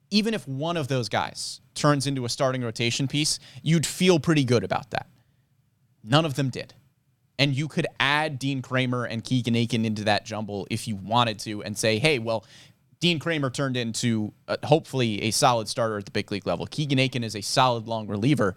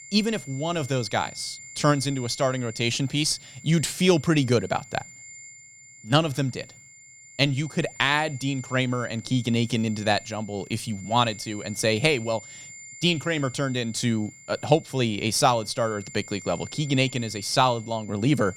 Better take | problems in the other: first | high-pitched whine; noticeable; throughout; 2 kHz, 15 dB below the speech

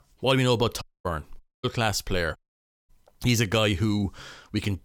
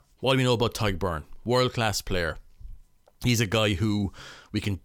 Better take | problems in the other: second | audio cutting out; at 1 s, at 1.5 s and at 2.5 s for 0.5 s

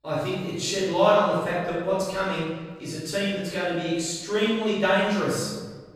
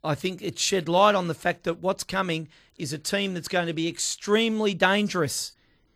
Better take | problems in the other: second | off-mic speech; far // room echo; strong; dies away in 1.2 s

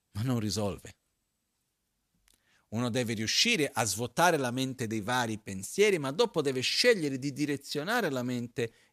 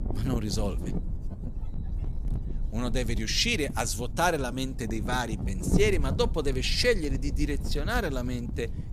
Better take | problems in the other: first | wind noise on the microphone; occasional gusts; 15 dB below the speech

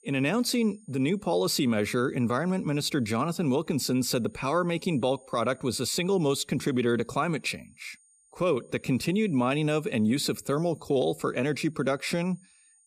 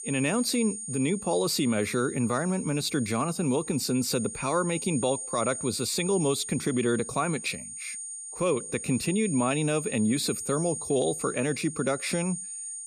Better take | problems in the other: first | high-pitched whine; loud; throughout; 9 kHz, 7 dB below the speech; faint in the first

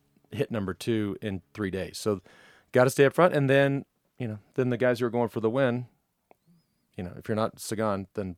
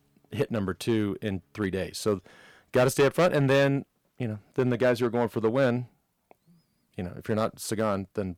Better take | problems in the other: first | distortion; slight; 3% of the sound clipped

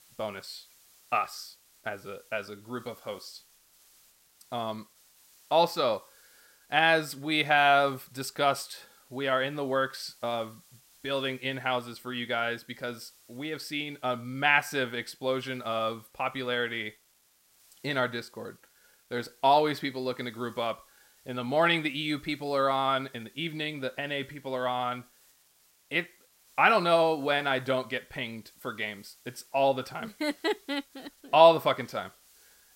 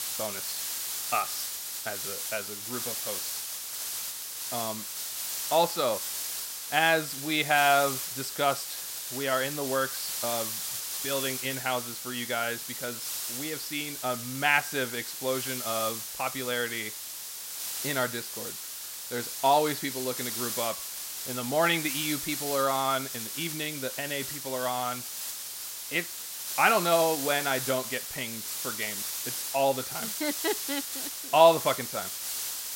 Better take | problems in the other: first | hiss; loud; throughout; 4 dB below the speech; faint in the first

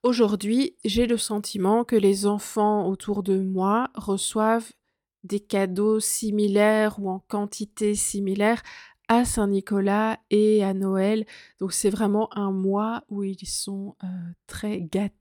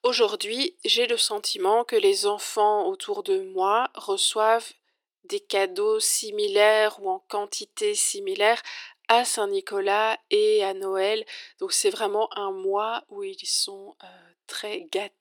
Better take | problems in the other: first | thin; very; fading below 350 Hz

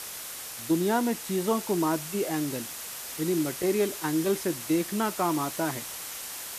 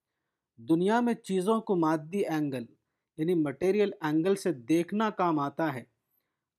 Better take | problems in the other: second | hiss; loud; throughout; 7 dB below the speech

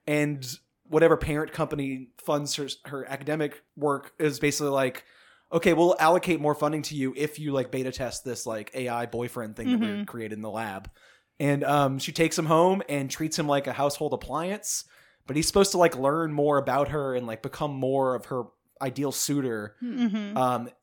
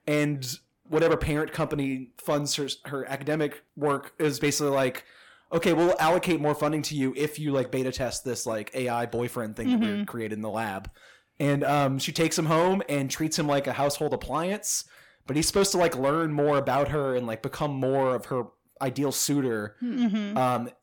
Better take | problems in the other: first | distortion; slight; 10 dB below the speech

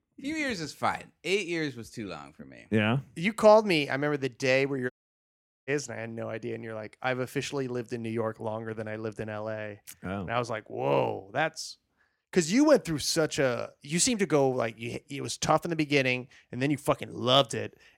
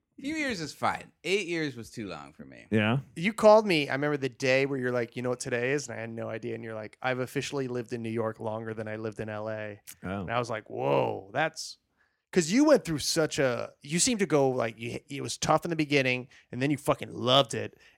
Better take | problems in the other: second | audio cutting out; at 5 s for 1 s

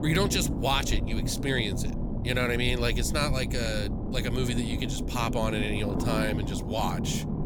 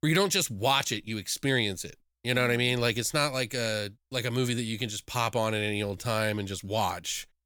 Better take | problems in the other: second | low rumble; loud; throughout; 9 dB below the speech

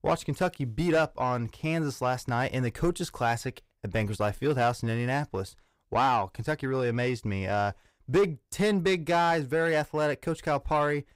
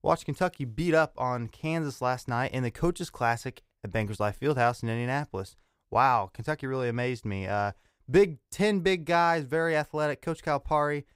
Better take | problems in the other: second | distortion; slight; 10 dB below the speech

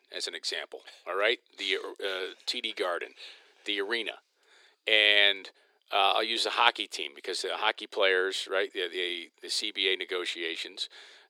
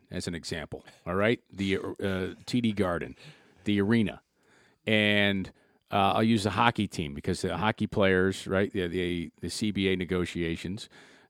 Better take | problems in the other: second | thin; very; fading below 350 Hz

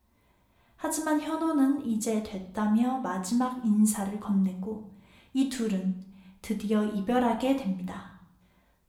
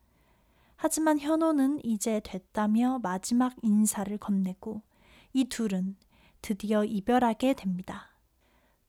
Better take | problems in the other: second | room echo; slight; dies away in 0.6 s // off-mic speech; somewhat distant

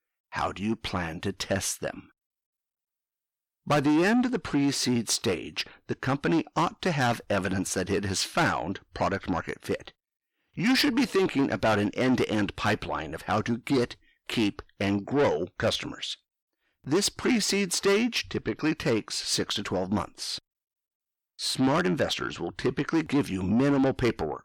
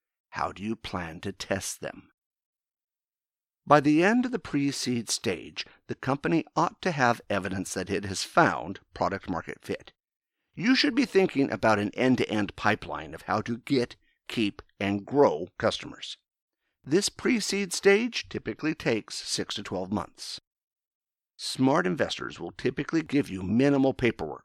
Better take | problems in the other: second | distortion; heavy; 7 dB below the speech

